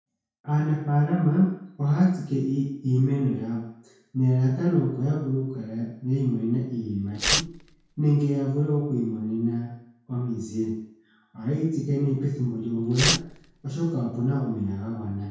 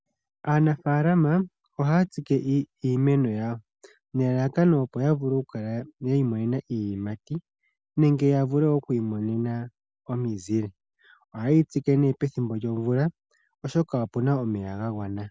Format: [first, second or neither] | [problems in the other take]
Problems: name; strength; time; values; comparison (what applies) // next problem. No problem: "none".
second | background sound (Tearing); 4 dB below the speech // room echo; dies away in 0.6 s